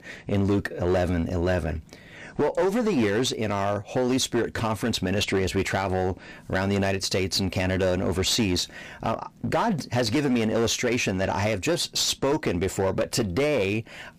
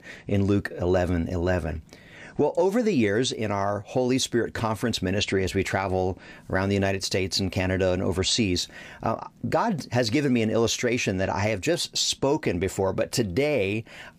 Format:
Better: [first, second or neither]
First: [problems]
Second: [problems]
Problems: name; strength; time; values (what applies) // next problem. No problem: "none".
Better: second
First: distortion; slight; 13% of the sound clipped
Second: none